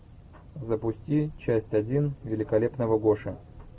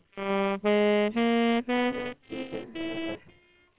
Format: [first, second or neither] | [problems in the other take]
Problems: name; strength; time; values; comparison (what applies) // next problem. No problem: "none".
first | noise reduction (neural separator model SepFormer WHAMR!)